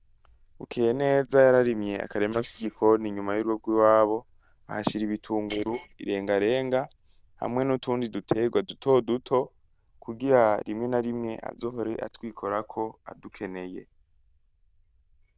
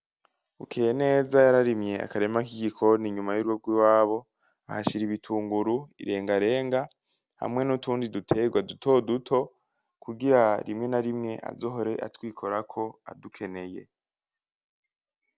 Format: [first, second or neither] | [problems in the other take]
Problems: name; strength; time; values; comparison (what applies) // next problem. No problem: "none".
second | noise reduction (neural diffusion model UNIVERSE++)